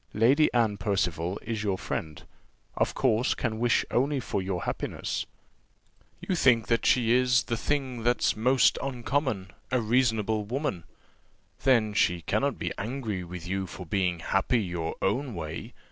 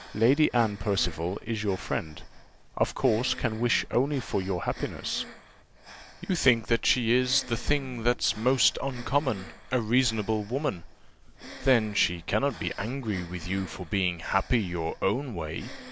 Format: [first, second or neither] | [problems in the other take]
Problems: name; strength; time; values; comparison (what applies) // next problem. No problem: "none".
first | background sound (Breathing); 18 dB below the speech